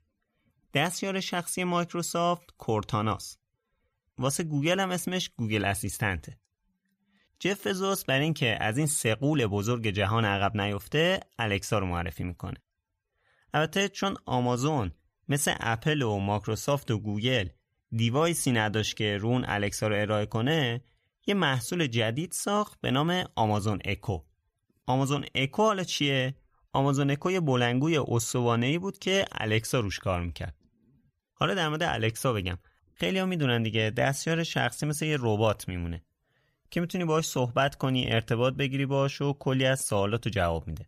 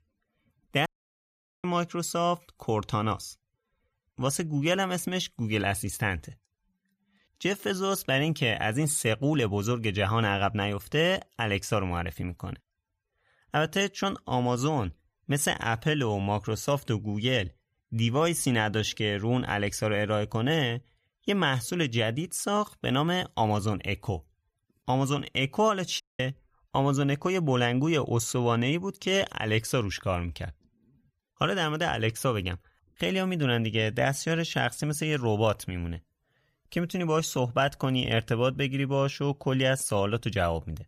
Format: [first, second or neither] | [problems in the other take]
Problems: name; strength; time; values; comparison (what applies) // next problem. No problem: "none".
first | audio cutting out; at 1 s for 1 s and at 26 s